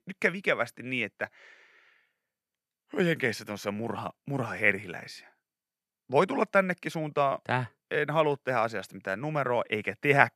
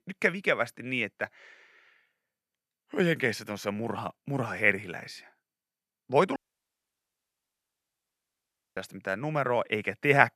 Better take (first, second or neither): first